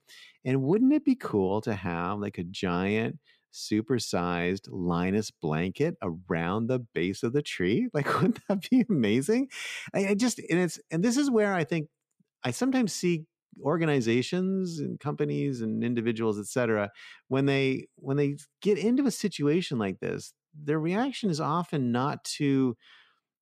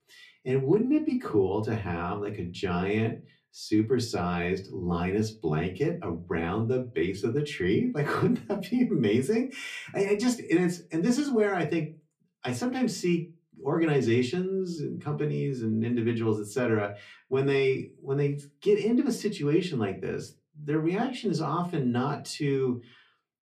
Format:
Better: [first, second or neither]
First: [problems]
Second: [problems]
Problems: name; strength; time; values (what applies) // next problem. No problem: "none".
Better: first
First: none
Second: off-mic speech; far // room echo; very slight; dies away in 0.2 s